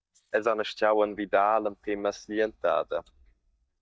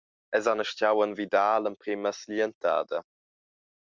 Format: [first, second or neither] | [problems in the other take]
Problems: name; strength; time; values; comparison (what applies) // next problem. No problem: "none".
second | noise reduction (neural mask model DeepFilterNet 3)